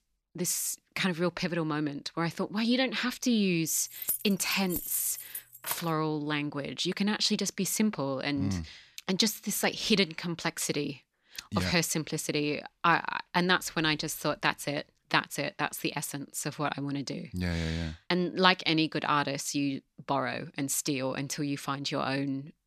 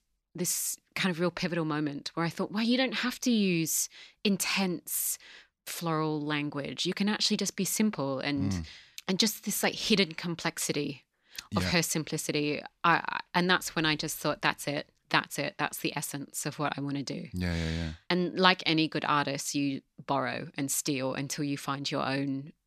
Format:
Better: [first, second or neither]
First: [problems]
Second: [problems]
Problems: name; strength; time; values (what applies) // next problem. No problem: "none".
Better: second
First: jangling keys; noticeable; from 4 to 6 s; peak 2 dB below the speech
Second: none